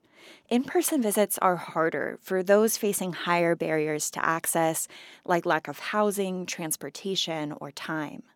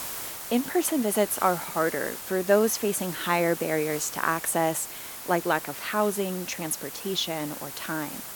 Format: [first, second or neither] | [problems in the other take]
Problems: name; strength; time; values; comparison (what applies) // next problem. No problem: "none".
first | hiss; loud; throughout; 9 dB below the speech